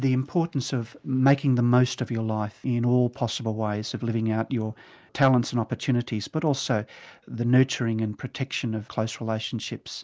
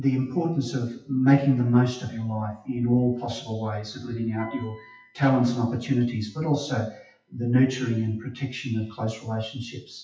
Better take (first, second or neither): first